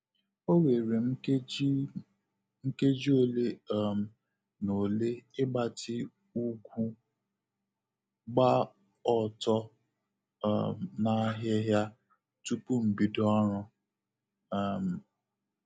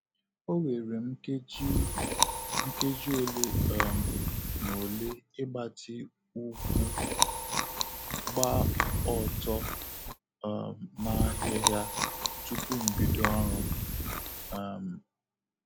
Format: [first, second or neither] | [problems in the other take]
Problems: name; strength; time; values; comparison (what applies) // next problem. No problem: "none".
first | background sound (Chewing, mastication); 5 dB above the speech